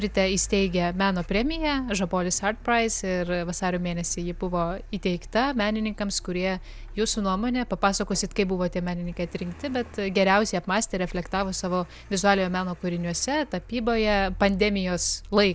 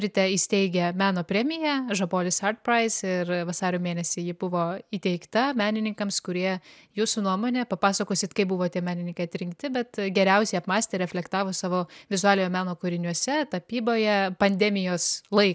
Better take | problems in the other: second | background sound (Car); 14 dB below the speech

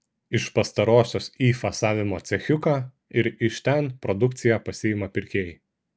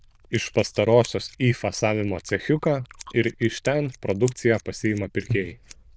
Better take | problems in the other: first | noise reduction (neural diffusion model UNIVERSE++)

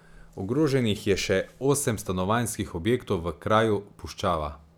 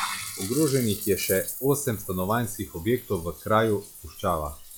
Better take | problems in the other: first | noise reduction (classical method log-MMSE)

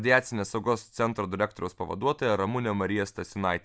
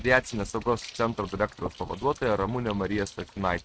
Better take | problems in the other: first | noise reduction (neural mask model RNNoise)

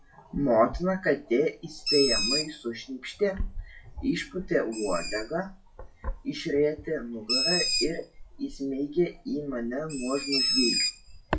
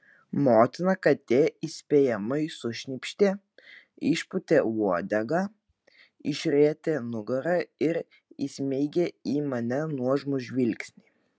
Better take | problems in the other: second | noise reduction (classical method WPE with log-MMSE)

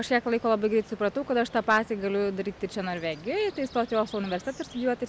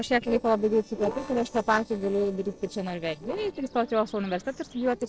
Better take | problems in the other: first | noise reduction (neural separator model SepFormer DNS4)

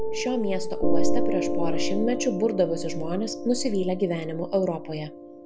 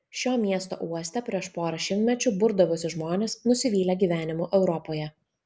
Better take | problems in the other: second | background sound (Piano); 4 dB above the speech

